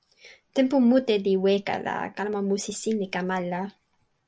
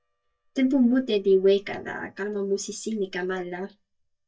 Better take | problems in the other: first | noise reduction (neural mask model DeepFilterNet 3)

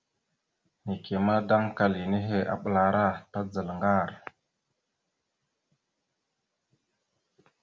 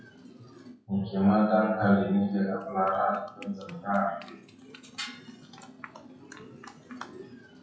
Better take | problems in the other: first | noise reduction (classical method WPE with log-MMSE)

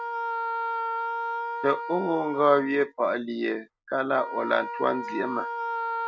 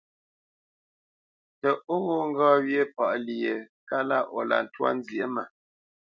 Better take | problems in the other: second | background sound (Wind instrument, woodwind instrument); 5 dB below the speech

